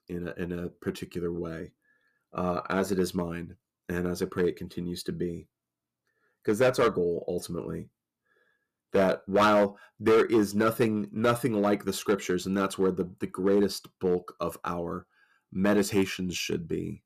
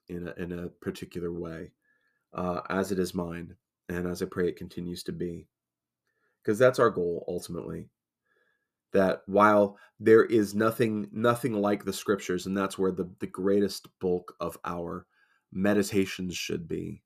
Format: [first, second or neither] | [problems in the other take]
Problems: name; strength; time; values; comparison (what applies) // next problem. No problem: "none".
second | distortion; slight; 3% of the sound clipped